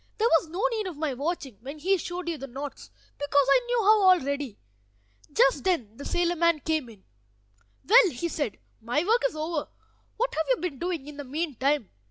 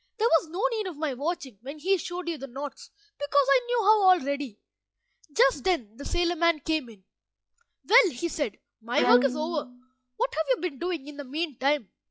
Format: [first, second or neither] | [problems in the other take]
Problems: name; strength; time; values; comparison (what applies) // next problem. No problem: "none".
first | noise reduction (classical method log-MMSE)